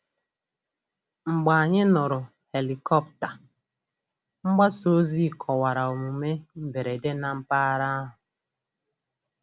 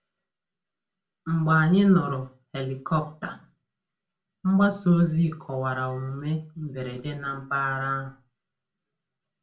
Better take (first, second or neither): first